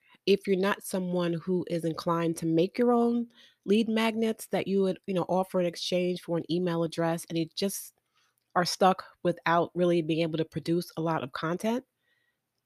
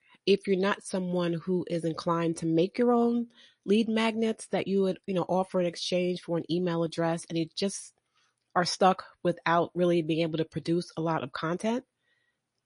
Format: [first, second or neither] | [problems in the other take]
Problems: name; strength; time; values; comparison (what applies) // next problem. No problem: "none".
first | garbled, watery; slightly; nothing above 10.5 kHz